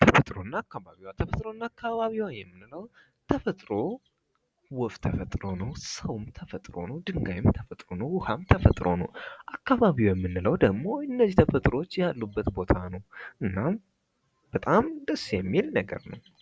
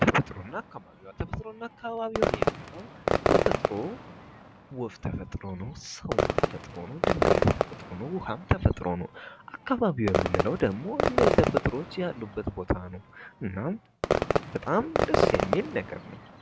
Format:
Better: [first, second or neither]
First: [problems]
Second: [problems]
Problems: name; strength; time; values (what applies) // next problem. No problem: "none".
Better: first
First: none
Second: background sound (Fireworks); 1 dB above the speech